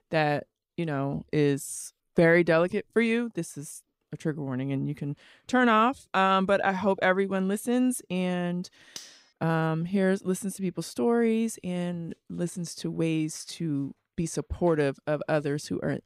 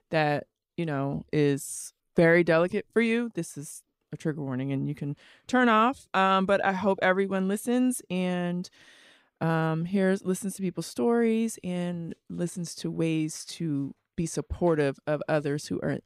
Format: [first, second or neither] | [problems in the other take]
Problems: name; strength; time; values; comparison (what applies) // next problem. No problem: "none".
second | clattering dishes; faint; at 9 s; peak 15 dB below the speech